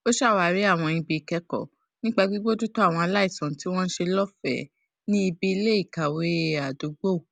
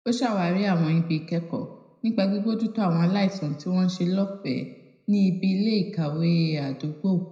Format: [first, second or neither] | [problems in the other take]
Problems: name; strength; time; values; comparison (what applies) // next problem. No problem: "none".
first | room echo; dies away in 0.7 s